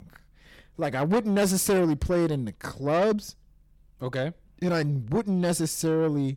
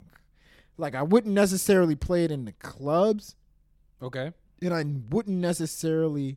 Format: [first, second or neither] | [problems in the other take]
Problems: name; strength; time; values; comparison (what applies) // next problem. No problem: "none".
second | distortion; heavy; 8 dB below the speech